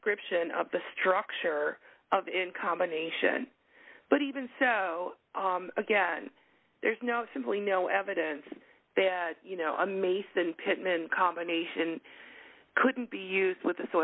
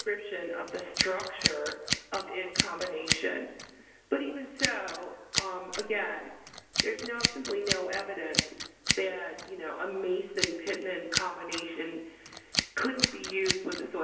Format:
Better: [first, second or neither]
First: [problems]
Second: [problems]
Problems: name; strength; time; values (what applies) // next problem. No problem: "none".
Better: first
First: none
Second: background sound (Scissors); as loud as the speech // room echo; dies away in 1 s